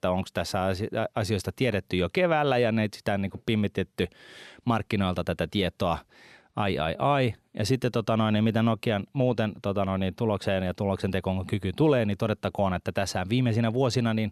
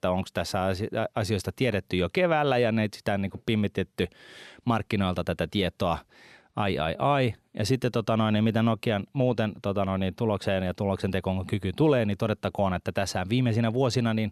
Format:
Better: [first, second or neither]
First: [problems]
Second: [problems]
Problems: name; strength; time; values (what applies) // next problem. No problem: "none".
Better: neither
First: none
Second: none